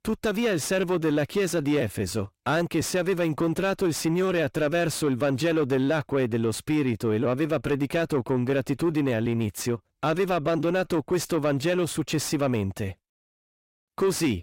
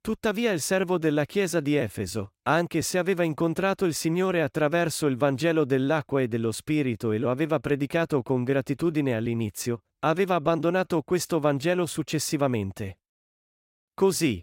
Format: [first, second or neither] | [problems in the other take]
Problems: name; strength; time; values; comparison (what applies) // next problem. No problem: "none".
second | distortion; slight; 10 dB below the speech